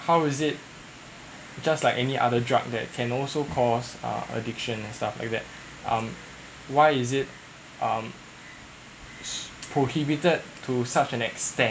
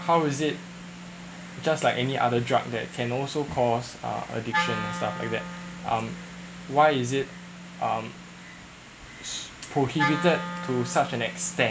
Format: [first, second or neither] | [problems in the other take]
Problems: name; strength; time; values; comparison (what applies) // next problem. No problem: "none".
first | background sound (Wind instrument, woodwind instrument); 9 dB below the speech